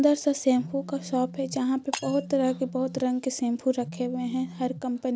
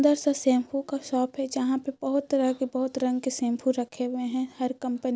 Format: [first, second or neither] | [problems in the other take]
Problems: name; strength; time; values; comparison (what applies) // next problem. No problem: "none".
second | background sound (Telephone + Shatter); 14 dB below the speech